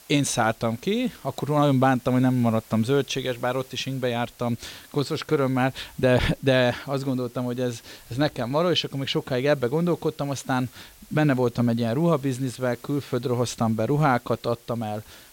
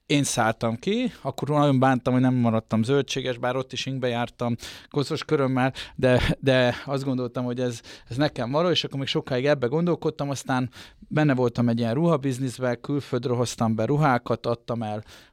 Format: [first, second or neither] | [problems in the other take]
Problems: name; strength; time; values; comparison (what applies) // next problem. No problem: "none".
second | hiss; faint; throughout; 25 dB below the speech